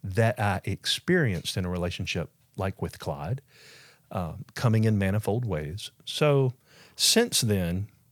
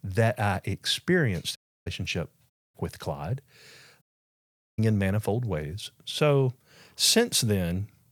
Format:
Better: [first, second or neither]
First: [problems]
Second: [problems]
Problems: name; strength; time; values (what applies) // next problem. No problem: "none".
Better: first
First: none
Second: audio cutting out; at 1.5 s, at 2.5 s and at 4 s for 1 s